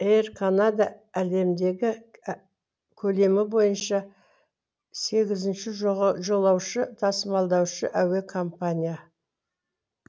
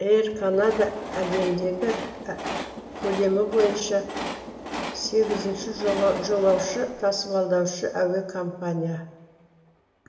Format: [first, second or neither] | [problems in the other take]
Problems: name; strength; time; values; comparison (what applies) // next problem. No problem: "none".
first | background sound (Train); 10 dB below the speech // room echo; dies away in 1.6 s